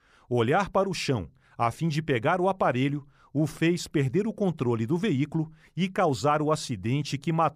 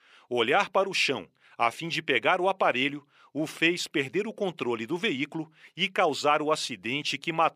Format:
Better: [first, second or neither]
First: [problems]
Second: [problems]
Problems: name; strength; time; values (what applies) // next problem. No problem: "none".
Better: first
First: none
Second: thin; somewhat; fading below 300 Hz